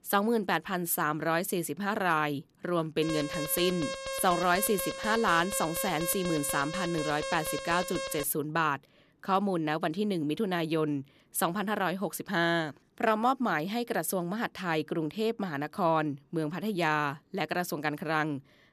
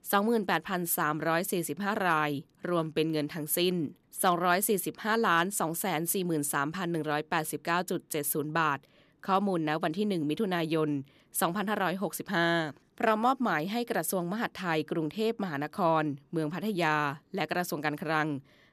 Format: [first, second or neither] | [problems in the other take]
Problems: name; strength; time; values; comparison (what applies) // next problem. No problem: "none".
second | alarm; noticeable; from 3 to 8 s; peak 5 dB below the speech